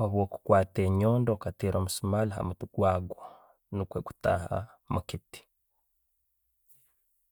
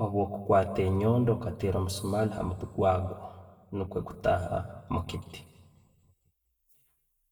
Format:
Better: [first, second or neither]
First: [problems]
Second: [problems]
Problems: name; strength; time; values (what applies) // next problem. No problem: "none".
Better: first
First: none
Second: room echo; dies away in 1.1 s